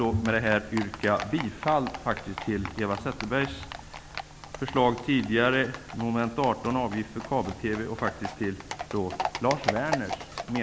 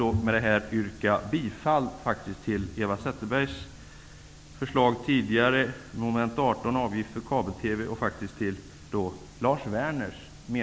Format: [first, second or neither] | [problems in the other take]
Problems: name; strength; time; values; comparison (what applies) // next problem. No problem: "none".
second | background sound (Livestock, farm animals, working animals); 10 dB below the speech